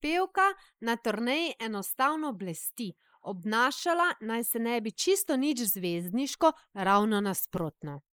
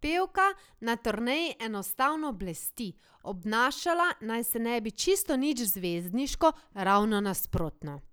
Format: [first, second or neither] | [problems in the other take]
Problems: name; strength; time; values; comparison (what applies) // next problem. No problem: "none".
second | noise reduction (neural mask model Resemble Enhance denoiser)